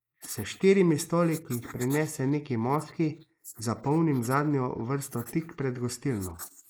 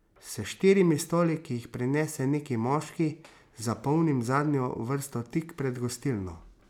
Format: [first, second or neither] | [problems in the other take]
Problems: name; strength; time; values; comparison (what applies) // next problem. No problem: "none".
second | noise reduction (neural mask model Resemble Enhance denoiser)